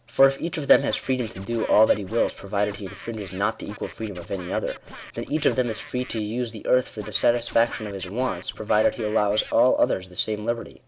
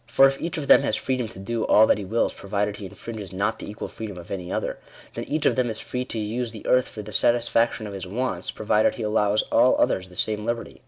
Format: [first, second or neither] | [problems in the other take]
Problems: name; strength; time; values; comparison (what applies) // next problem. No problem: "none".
second | background sound (Scratching (performance technique)); 18 dB below the speech